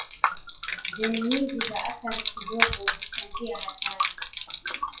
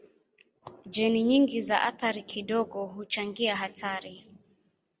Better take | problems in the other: second | noise reduction (classical method WPE with log-MMSE)

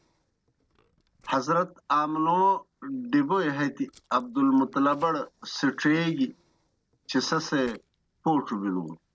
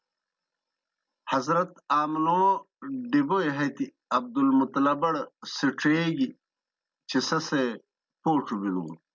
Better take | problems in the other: second | noise reduction (neural separator model SepFormer DNS4)

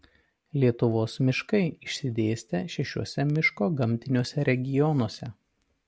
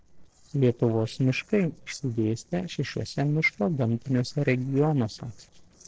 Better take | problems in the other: first | noise reduction (neural separator model SepFormer DNS4)

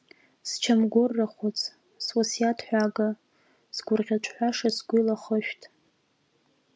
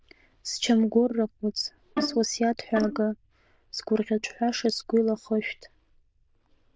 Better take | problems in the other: first | noise reduction (neural diffusion model UNIVERSE++)

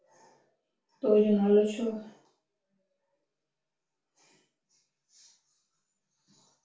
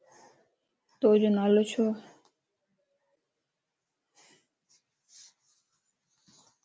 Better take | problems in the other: second | room echo; dies away in 0.3 s

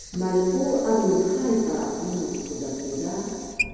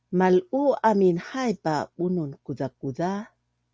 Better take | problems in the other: second | background sound (Sink (filling or washing) / Water); 12 dB below the speech // room echo; dies away in 2.2 s

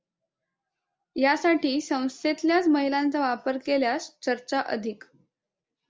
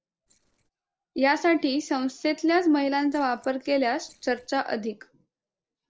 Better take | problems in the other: first | noise reduction (neural separator model SepFormer DNS4)

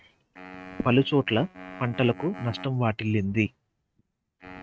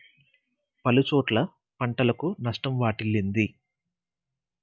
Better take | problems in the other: second | noise reduction (neural mask model RNNoise)

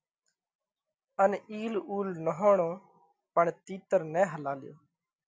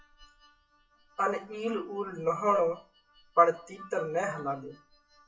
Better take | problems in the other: first | noise reduction (classical method WPE with log-MMSE)

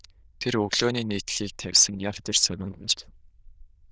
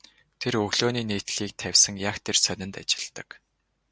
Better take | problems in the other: second | noise reduction (neural diffusion model UNIVERSE++)

